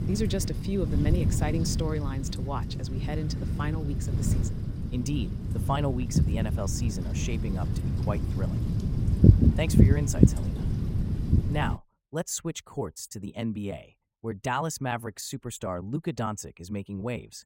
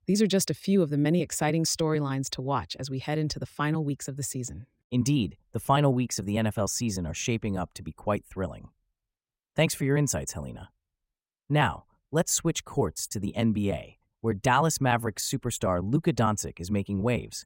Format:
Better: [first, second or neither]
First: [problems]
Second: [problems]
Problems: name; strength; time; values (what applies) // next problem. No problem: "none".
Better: second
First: wind noise on the microphone; heavy; until 12 s; 2 dB below the speech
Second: none